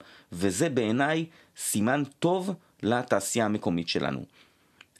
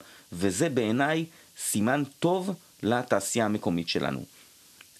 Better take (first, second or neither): first